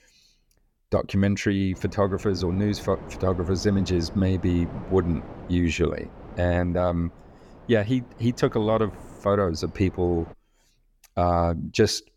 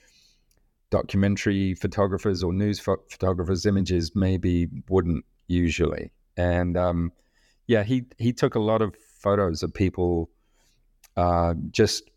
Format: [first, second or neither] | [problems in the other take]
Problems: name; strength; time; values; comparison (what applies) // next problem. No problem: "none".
second | wind noise on the microphone; occasional gusts; from 1.5 to 10 s; 20 dB below the speech